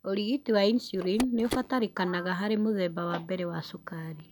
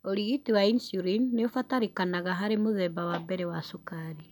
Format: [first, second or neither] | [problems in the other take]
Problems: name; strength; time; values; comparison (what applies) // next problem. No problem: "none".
second | background sound (Telephone); 13 dB below the speech